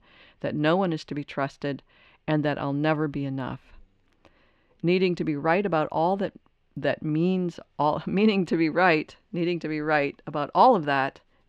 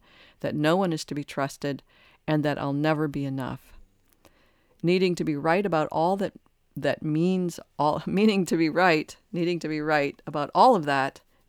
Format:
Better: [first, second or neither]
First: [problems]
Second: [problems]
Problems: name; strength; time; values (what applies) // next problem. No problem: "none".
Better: second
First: muffled; very slightly; fading above 3 kHz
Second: none